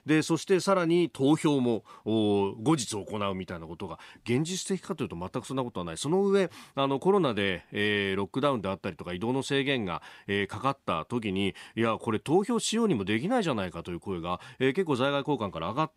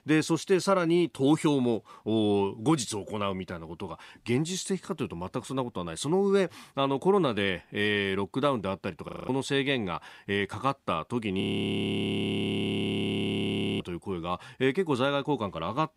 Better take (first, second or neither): first